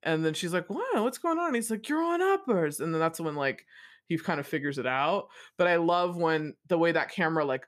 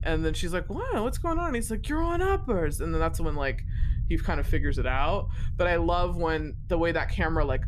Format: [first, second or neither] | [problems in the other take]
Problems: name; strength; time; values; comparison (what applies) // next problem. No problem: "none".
first | low rumble; faint; throughout; 20 dB below the speech